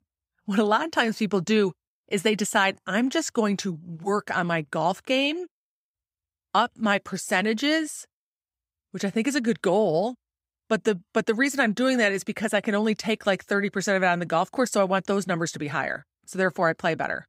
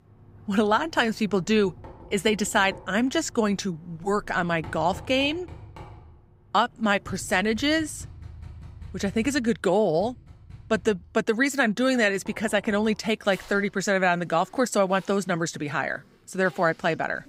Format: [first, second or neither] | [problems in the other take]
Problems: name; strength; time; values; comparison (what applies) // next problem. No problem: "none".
first | household noises; faint; throughout; 20 dB below the speech